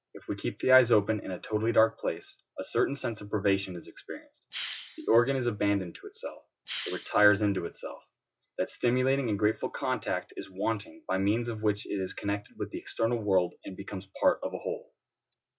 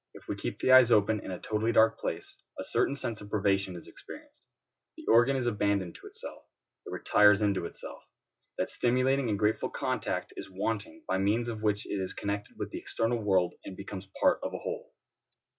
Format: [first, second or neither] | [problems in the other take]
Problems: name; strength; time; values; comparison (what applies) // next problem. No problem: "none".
second | background sound (Hiss); 16 dB below the speech